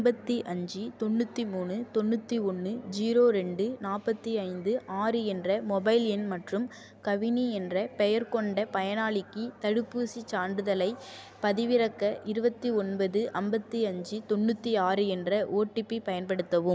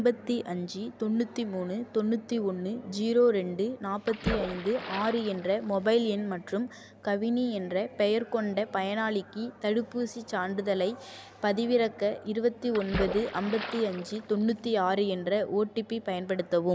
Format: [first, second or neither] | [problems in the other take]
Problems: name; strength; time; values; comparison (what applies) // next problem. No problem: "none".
first | background sound (Splash, splatter); 9 dB below the speech